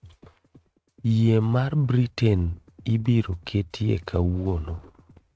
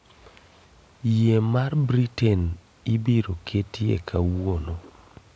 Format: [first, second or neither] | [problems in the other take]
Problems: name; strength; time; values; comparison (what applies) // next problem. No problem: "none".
second | noise reduction (neural mask model RNNoise)